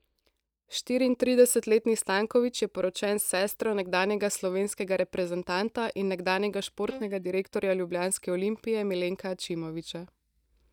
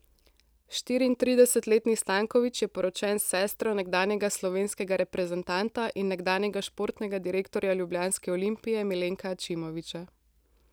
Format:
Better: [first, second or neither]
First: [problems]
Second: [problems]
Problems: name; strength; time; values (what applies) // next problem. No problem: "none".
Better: second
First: noise reduction (neural mask model DeepFilterNet 3)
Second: none